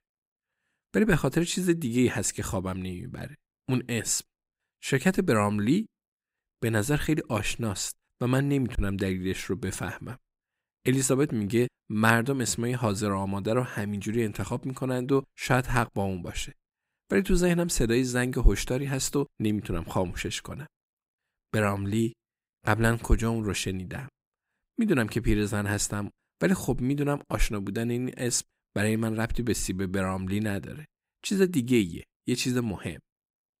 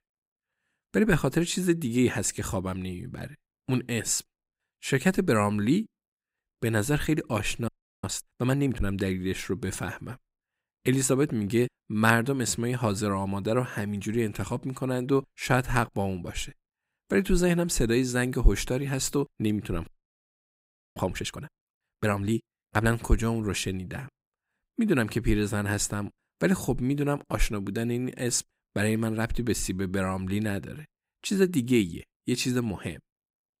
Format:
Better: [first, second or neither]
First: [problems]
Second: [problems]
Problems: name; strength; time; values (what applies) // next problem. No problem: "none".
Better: first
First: none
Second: audio freezing; at 7.5 s and at 20 s for 1 s